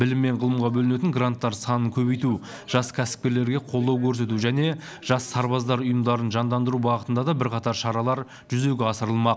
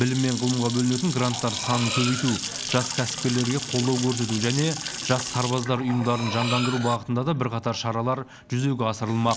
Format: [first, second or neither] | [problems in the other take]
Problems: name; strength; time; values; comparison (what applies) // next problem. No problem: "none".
first | background sound (Sink (filling or washing) / Water tap, faucet / Splash, splatter + Cutlery, silverware); 8 dB below the speech